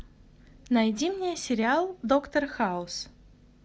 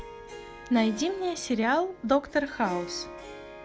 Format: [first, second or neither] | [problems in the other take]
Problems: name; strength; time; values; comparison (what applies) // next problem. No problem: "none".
first | background sound (Harp); 14 dB below the speech